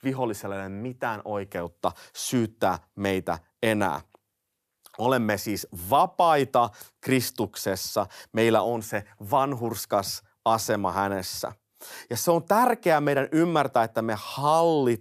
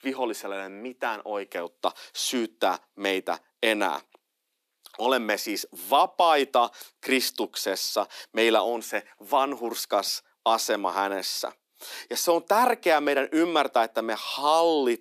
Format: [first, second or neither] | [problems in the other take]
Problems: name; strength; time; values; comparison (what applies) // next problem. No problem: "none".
first | thin; very slightly; fading below 250 Hz